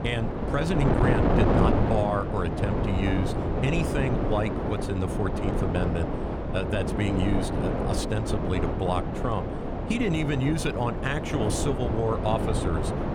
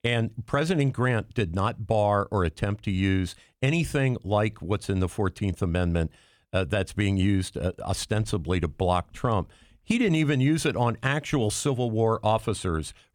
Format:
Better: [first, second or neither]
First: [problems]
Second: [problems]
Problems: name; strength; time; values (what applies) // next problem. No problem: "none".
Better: second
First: wind noise on the microphone; heavy; as loud as the speech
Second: none